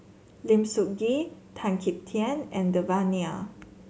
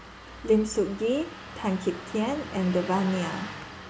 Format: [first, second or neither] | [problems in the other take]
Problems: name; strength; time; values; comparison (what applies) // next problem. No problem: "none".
first | background sound (Engine starting); 13 dB below the speech